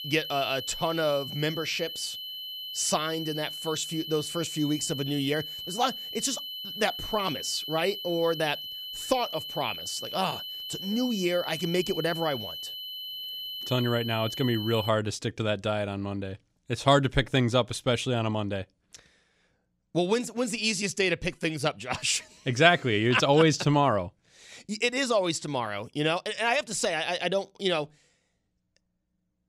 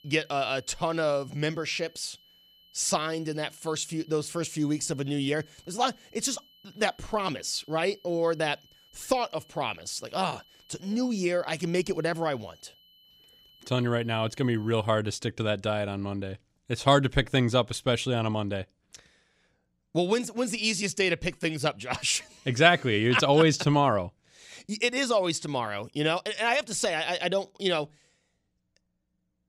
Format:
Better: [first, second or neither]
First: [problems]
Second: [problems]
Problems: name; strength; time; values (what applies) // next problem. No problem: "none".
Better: second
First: high-pitched whine; loud; until 15 s; 3 kHz, 7 dB below the speech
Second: high-pitched whine; faint; until 15 s; 3 kHz, 30 dB below the speech